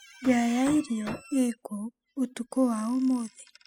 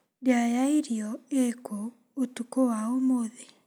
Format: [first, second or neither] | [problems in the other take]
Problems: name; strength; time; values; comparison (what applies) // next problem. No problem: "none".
second | noise reduction (classical method spectral subtraction)